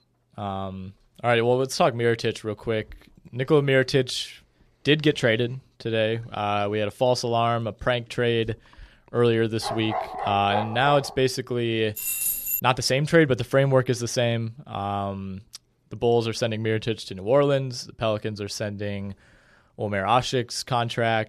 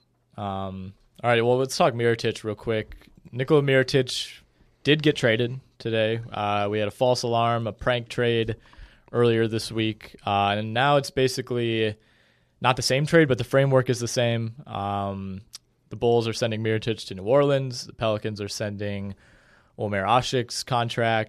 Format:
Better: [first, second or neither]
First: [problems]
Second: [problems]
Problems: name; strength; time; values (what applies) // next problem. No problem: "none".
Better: second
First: dog barking; noticeable; from 9.5 to 11 s; peak 5 dB below the speech // jangling keys; loud; at 12 s; peak 1 dB above the speech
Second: none